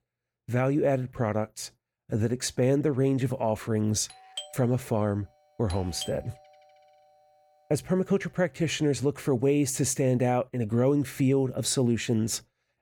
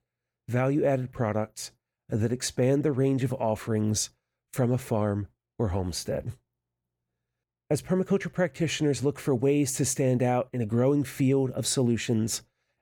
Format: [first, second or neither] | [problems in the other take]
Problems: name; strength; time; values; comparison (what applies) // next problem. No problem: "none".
second | doorbell; faint; from 4 to 6 s; peak 10 dB below the speech